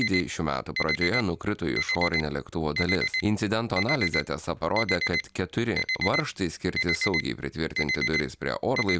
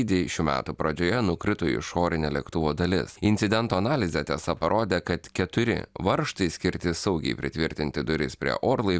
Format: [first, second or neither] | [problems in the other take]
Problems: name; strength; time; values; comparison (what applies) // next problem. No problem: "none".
second | background sound (Alarm); 3 dB below the speech